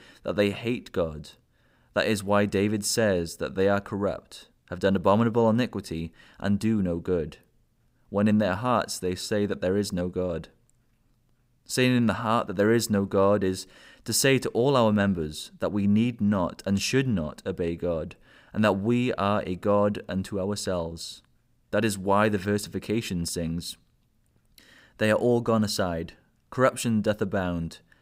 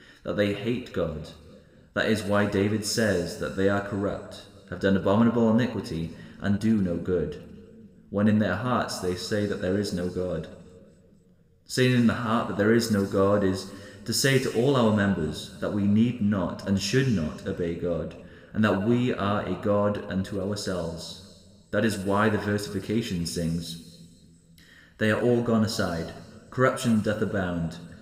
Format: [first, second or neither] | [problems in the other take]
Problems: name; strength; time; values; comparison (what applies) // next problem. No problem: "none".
first | room echo; slight; dies away in 1.6 s